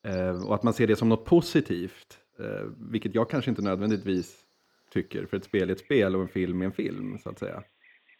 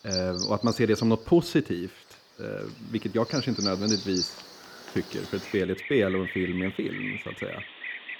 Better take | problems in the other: first | animal sounds; loud; throughout; 6 dB below the speech; faint in the first

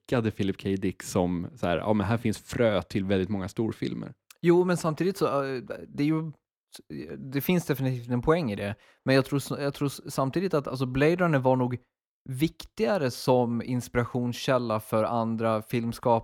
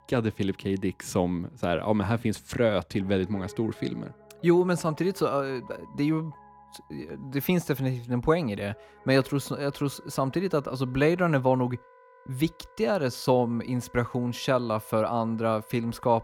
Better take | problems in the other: first | background music; faint; throughout; 25 dB below the speech

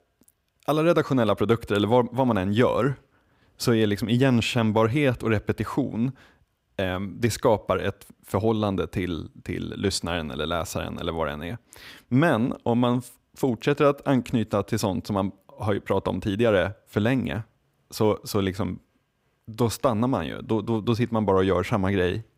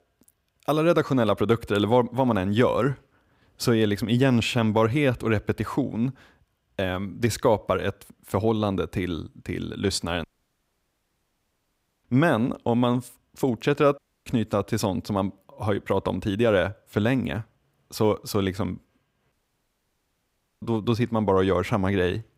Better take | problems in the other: first | audio cutting out; at 10 s for 2 s, at 14 s and at 19 s for 1.5 s

